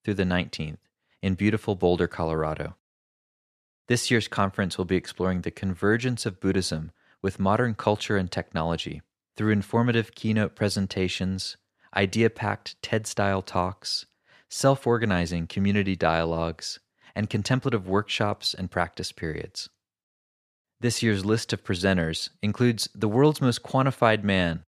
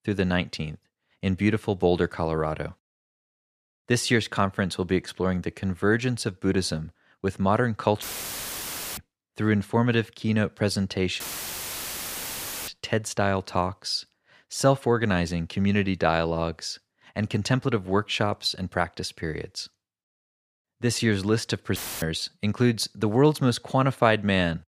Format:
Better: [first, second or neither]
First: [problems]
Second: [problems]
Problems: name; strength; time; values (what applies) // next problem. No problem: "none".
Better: first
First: none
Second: audio cutting out; filled with static; at 8 s for 1 s, at 11 s for 1.5 s and at 22 s